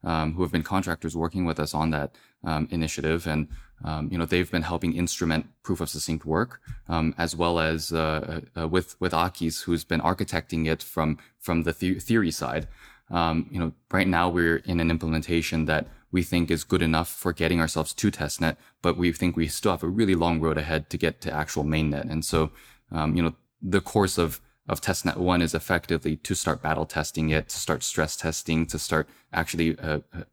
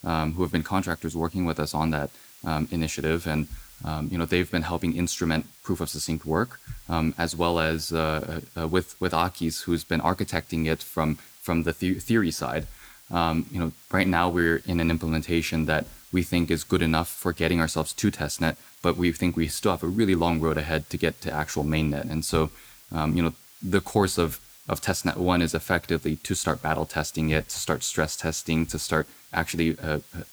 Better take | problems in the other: first | hiss; faint; throughout; 20 dB below the speech

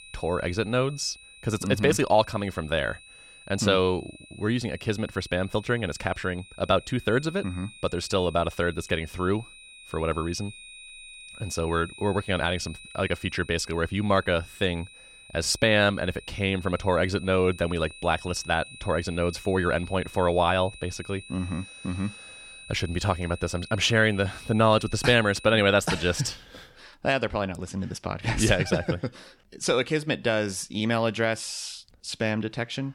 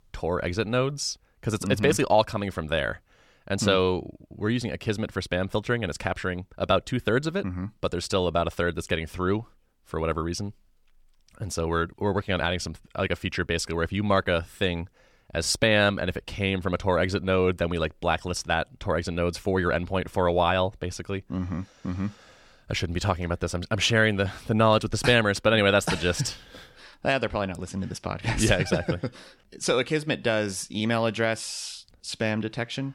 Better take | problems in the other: second | high-pitched whine; noticeable; until 26 s; 2.5 kHz, 20 dB below the speech

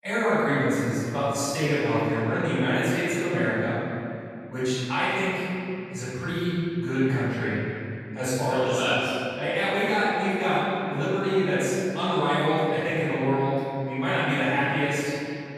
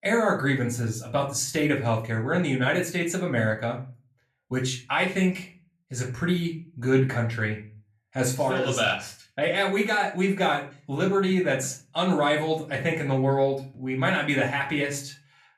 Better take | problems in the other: second | room echo; strong; dies away in 2.5 s; slight in the second // off-mic speech; far; far in the second

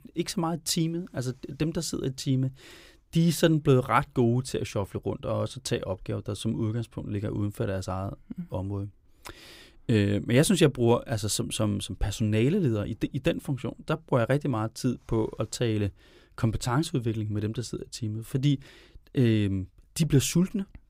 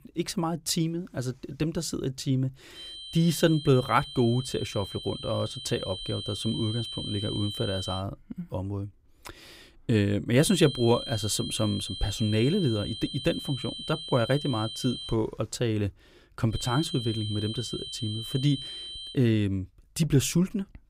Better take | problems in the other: first | high-pitched whine; loud; from 3 to 8 s, from 10 to 15 s and from 17 to 19 s; 3 kHz, 8 dB below the speech

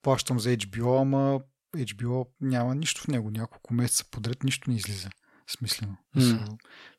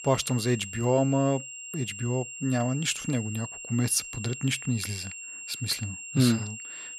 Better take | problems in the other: first | high-pitched whine; loud; throughout; 2.5 kHz, 9 dB below the speech

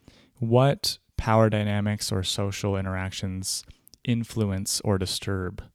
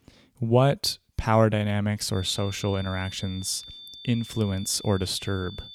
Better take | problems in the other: first | high-pitched whine; noticeable; from 2 s on; 3.5 kHz, 15 dB below the speech

